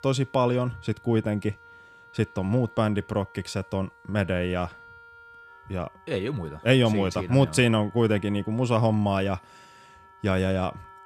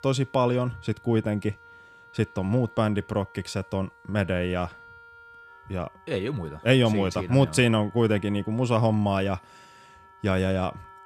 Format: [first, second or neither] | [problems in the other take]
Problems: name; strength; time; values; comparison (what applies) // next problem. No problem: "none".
neither | background music; faint; throughout; 25 dB below the speech; the same in both